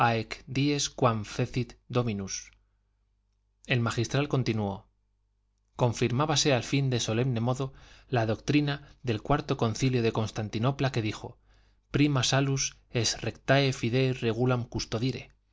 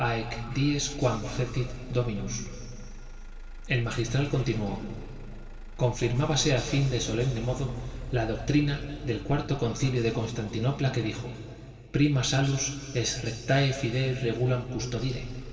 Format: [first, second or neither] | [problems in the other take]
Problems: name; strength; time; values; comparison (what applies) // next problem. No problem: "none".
first | background sound (Motor vehicle (road)); 13 dB below the speech // room echo; dies away in 2.5 s